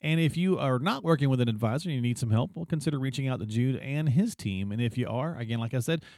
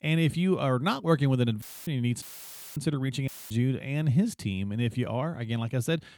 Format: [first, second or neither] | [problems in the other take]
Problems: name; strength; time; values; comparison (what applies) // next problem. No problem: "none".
first | audio cutting out; filled with static; at 1.5 s, at 2 s for 0.5 s and at 3.5 s